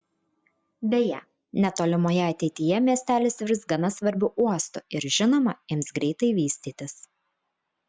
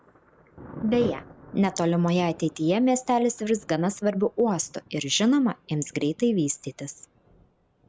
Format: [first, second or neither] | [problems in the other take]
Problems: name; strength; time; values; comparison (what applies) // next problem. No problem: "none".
first | background sound (Thunder); 20 dB below the speech